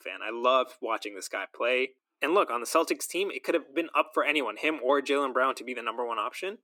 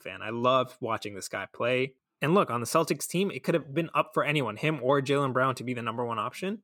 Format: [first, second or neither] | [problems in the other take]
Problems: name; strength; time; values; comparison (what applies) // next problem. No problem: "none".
second | thin; somewhat; fading below 300 Hz